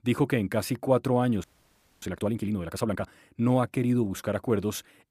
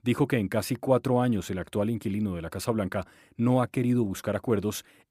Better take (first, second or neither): second